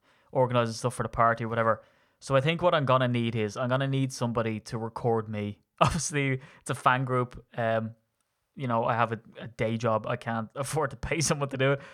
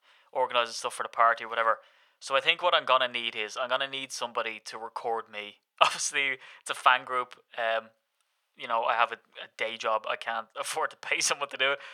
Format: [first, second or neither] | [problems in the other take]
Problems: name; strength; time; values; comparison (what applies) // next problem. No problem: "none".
first | thin; very; fading below 750 Hz